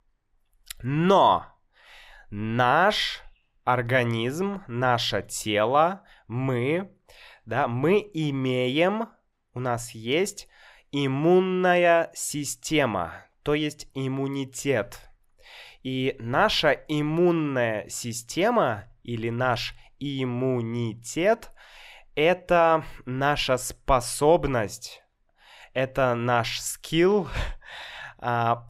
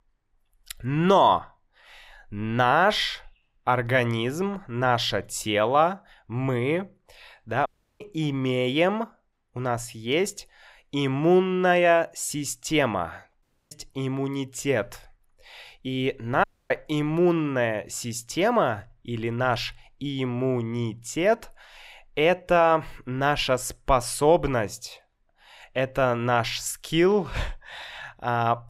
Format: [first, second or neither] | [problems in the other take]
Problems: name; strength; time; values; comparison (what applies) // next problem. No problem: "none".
first | audio cutting out; at 7.5 s, at 13 s and at 16 s